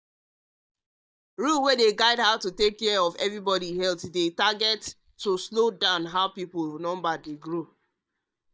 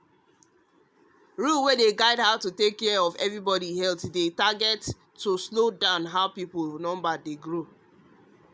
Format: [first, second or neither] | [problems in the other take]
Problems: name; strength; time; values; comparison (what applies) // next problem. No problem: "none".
second | noise reduction (neural mask model DeepFilterNet 3)